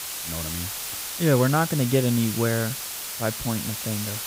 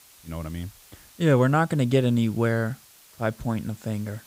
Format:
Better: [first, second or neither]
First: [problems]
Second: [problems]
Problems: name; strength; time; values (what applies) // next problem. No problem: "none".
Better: second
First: hiss; loud; throughout; 5 dB below the speech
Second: hiss; faint; throughout; 25 dB below the speech